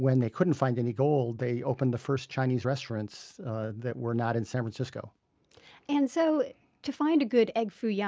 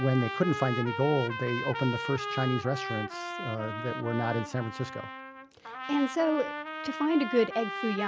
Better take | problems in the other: first | background sound (Trumpet); 7 dB below the speech

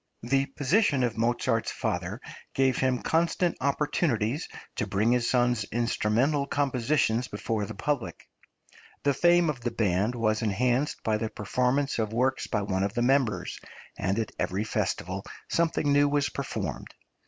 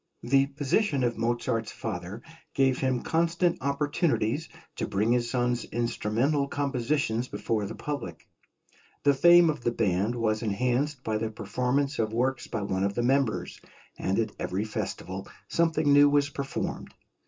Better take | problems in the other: first | room echo; dies away in 0.2 s

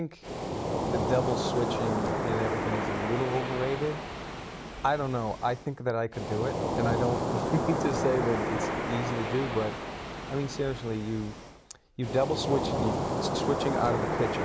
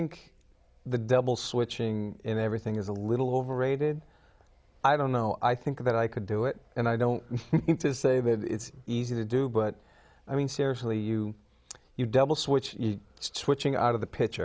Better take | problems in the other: second | background sound (Waves, surf); as loud as the speech

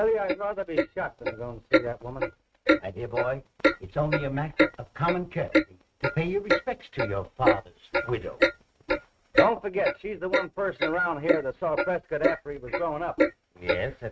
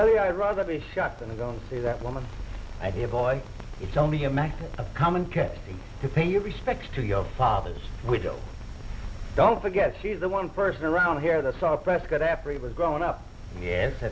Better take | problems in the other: second | noise reduction (neural mask model RNNoise)

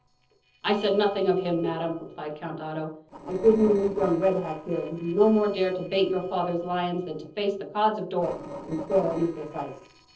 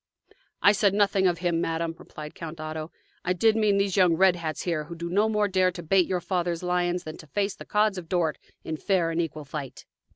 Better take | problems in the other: second | noise reduction (neural separator model SepFormer DNS4)

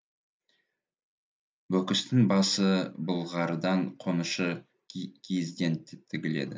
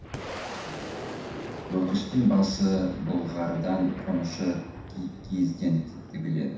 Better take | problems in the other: first | background sound (Boom); 10 dB below the speech // room echo; dies away in 0.7 s

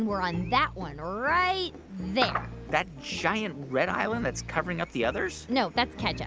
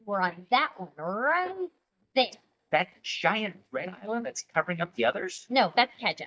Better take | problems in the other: first | noise reduction (neural mask model DeepFilterNet 3)

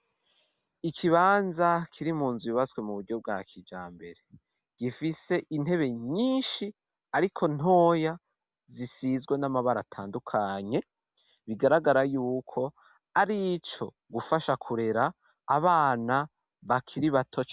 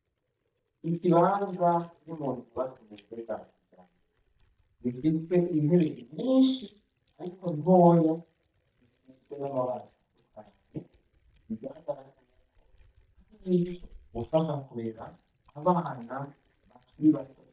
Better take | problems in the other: first | noise reduction (neural mask model DeepFilterNet 3)

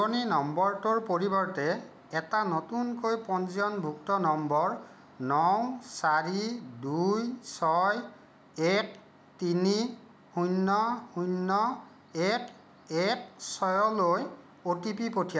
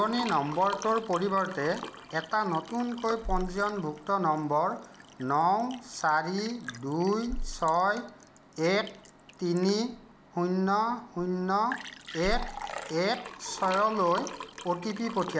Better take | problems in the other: first | background sound (Liquid); 11 dB below the speech

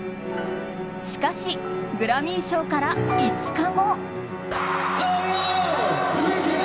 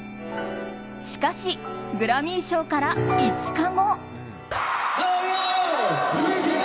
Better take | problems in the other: second | background sound (Musical instrument); 8 dB below the speech

